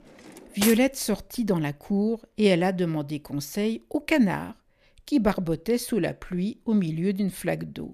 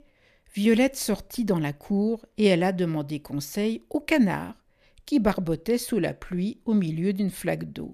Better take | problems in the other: second | clattering dishes; noticeable; at 0.5 s; peak 3 dB below the speech

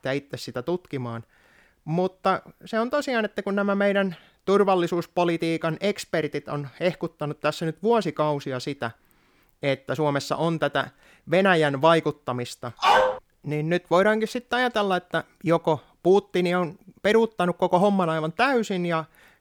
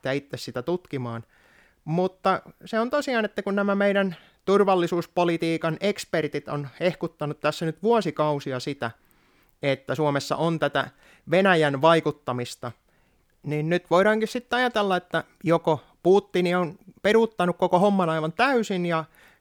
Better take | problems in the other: second | dog barking; loud; at 13 s; peak 5 dB above the speech

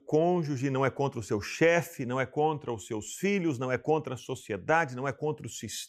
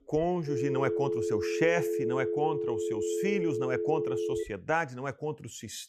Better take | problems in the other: first | phone ringing; loud; until 4.5 s; peak 2 dB above the speech

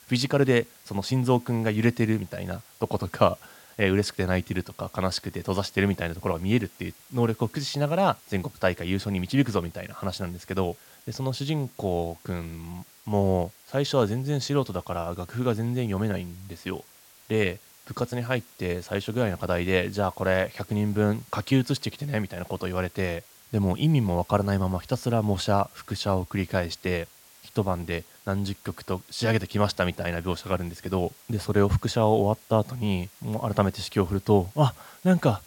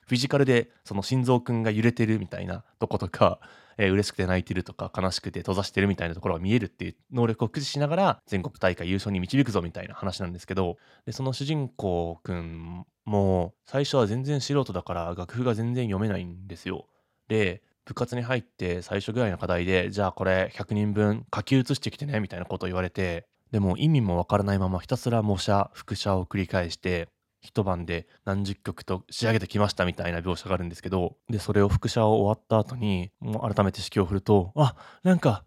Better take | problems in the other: second | hiss; faint; throughout; 25 dB below the speech

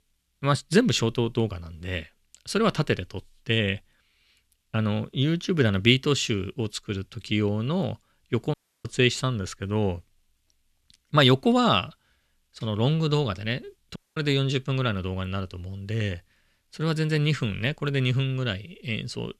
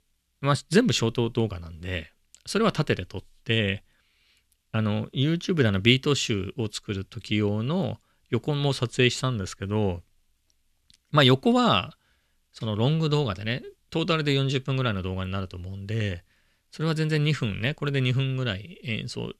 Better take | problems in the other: second | audio cutting out; at 8.5 s and at 14 s

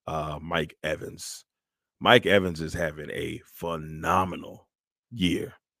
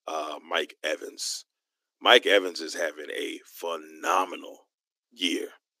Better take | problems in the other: first | thin; somewhat; fading below 300 Hz

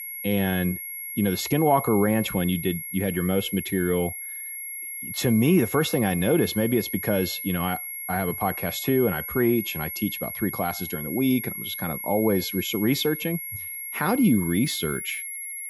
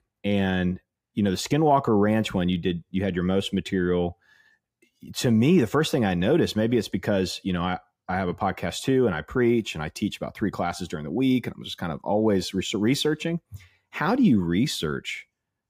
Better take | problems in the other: second | high-pitched whine; loud; throughout; 11.5 kHz, 7 dB below the speech

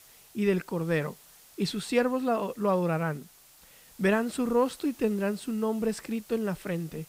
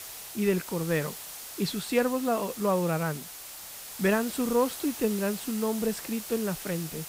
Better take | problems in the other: first | hiss; loud; throughout; 9 dB below the speech; faint in the first

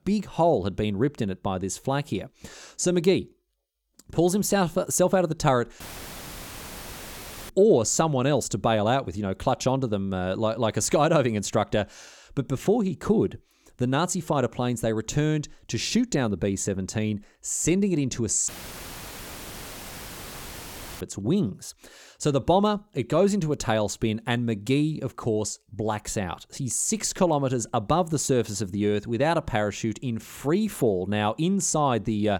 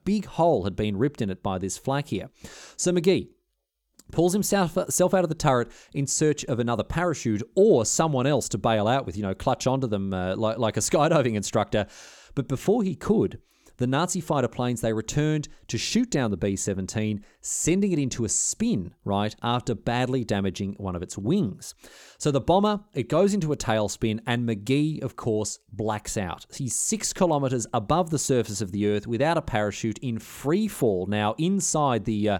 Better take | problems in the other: second | audio cutting out; filled with static; at 6 s for 1.5 s and at 18 s for 2.5 s

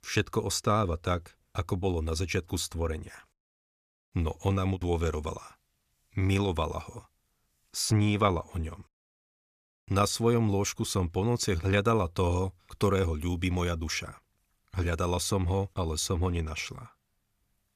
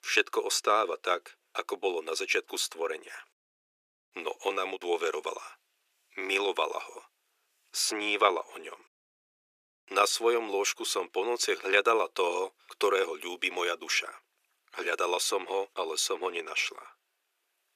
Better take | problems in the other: first | thin; very; fading below 350 Hz

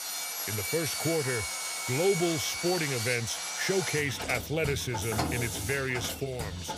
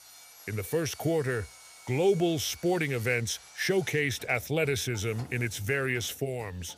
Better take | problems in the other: second | machinery noise; loud; throughout; 2 dB below the speech; faint in the second

